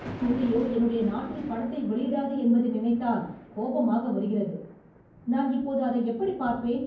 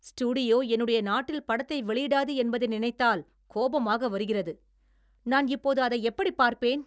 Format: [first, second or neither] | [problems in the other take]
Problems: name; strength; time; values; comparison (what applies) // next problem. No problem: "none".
second | background sound (Thunder); 17 dB below the speech // room echo; dies away in 0.9 s